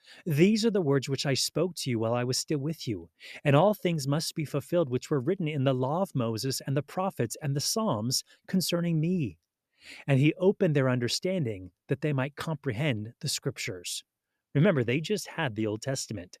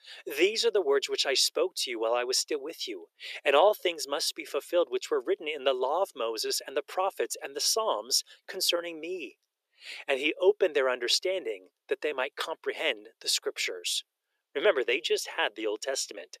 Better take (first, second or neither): first